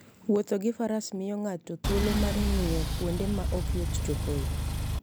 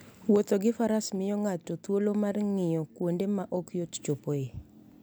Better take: second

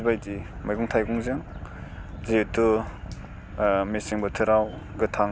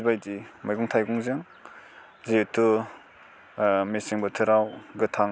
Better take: second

